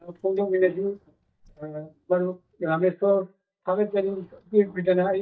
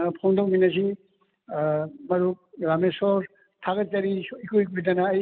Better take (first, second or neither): second